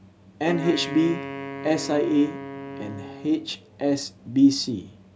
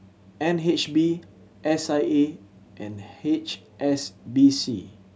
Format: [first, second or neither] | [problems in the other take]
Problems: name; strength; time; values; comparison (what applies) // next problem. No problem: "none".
second | background sound (Wind instrument, woodwind instrument); 11 dB below the speech